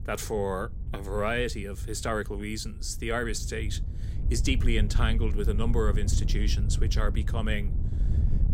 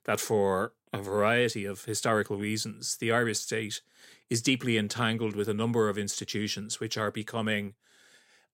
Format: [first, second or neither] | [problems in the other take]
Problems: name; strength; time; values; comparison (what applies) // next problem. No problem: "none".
second | wind noise on the microphone; occasional gusts; 15 dB below the speech